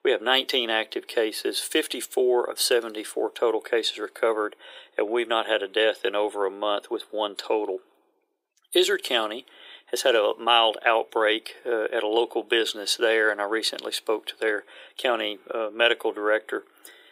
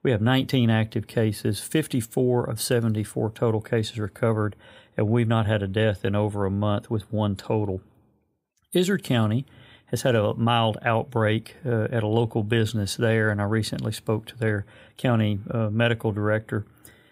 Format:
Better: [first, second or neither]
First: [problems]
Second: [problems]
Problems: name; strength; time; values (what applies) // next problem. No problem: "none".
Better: second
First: thin; very; fading below 350 Hz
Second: none